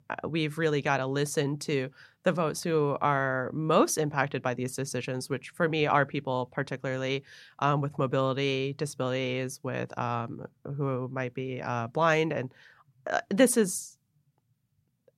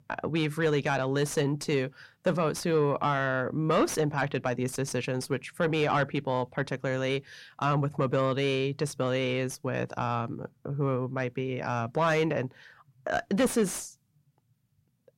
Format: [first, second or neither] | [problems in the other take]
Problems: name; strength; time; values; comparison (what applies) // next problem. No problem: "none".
first | distortion; slight; 10 dB below the speech